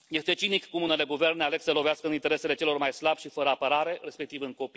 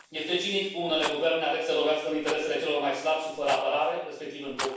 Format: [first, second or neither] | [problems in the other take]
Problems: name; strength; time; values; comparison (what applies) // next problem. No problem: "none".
first | background sound (Rattle); 14 dB below the speech // room echo; dies away in 0.7 s